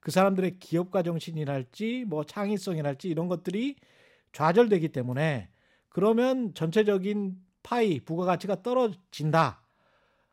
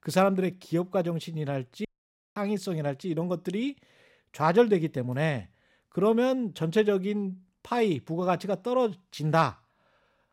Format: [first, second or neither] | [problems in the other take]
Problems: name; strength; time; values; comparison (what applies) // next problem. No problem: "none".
first | audio cutting out; at 2 s for 0.5 s